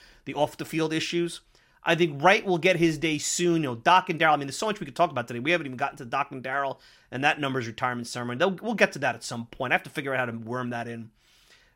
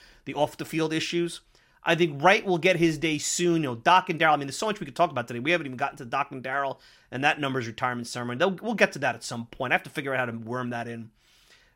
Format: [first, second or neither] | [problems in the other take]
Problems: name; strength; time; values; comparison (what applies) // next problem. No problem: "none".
neither | none